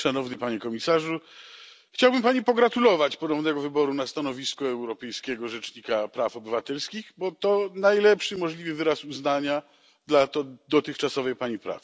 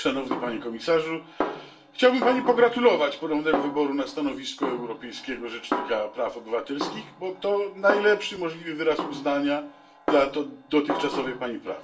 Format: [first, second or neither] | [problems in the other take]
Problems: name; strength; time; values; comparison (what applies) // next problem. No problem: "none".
first | background sound (Snare drum); 9 dB below the speech // room echo; dies away in 0.3 s